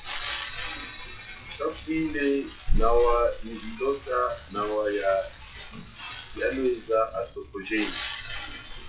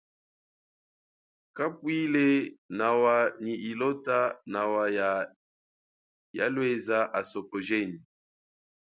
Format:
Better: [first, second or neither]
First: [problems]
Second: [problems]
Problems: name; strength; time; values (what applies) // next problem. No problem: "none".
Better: second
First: noise reduction (classical method WPE with log-MMSE)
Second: none